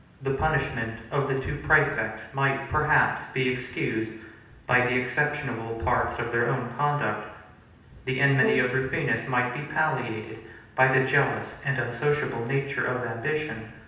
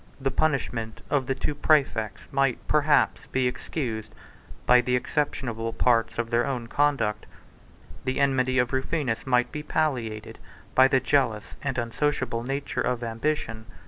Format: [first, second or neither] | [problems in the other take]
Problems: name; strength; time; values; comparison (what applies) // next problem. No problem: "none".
second | background sound (Brass instrument); 9 dB below the speech // room echo; dies away in 0.9 s